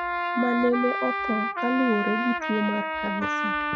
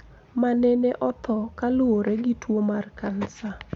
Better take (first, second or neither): second